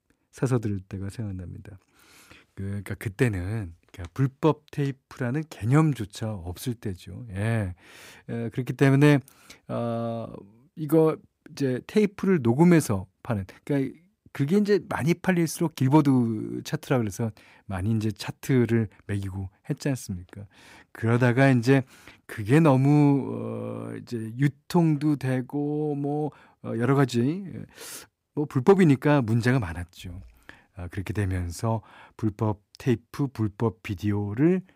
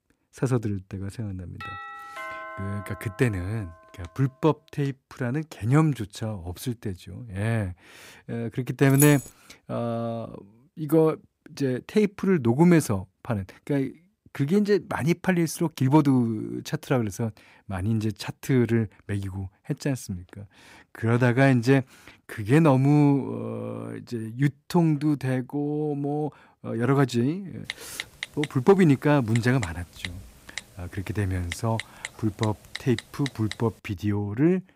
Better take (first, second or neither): first